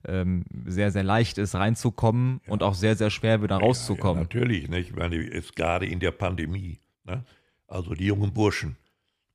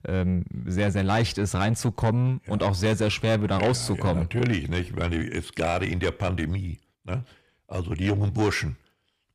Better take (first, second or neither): first